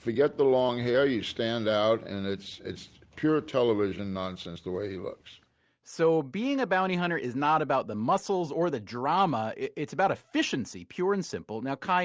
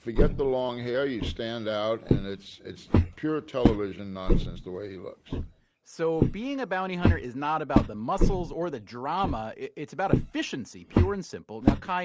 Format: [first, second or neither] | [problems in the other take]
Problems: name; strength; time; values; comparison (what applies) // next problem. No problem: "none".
first | background sound (Walk, footsteps); 3 dB above the speech